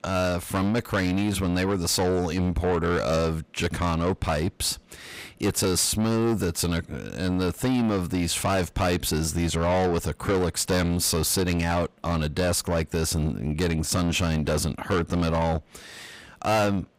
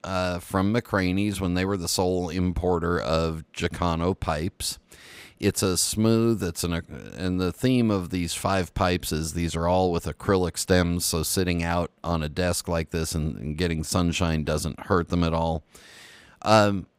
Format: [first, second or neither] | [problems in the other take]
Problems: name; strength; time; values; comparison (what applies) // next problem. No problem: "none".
second | distortion; heavy; 8 dB below the speech